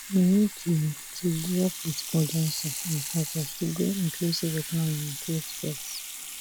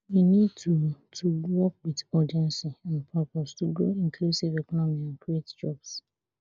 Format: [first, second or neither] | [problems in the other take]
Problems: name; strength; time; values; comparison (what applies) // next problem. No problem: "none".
second | background sound (Sink (filling or washing) / Water tap, faucet); 9 dB below the speech